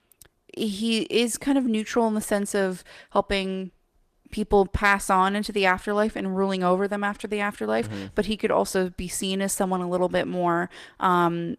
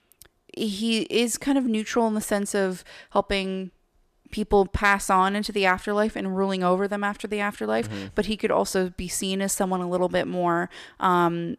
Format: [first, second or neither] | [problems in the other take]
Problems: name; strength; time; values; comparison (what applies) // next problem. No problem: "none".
second | garbled, watery; slightly; nothing above 14.5 kHz